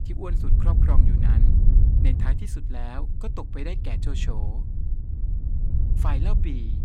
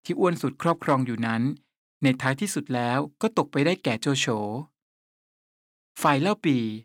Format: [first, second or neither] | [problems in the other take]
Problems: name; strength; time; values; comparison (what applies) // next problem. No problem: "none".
second | low rumble; loud; throughout; 2 dB below the speech